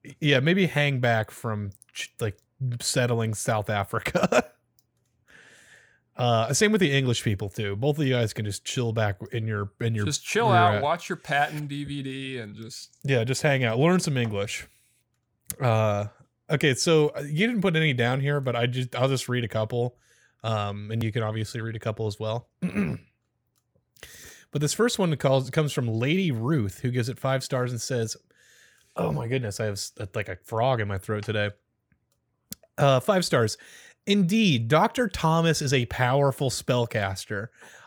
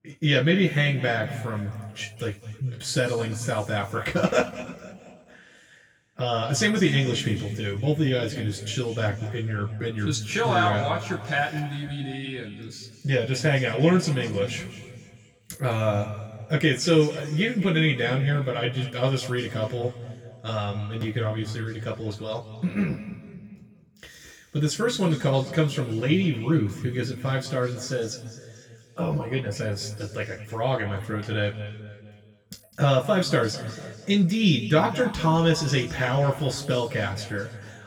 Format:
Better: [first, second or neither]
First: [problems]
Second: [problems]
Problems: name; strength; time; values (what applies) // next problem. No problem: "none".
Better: first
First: none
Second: room echo; slight; dies away in 1.9 s // off-mic speech; far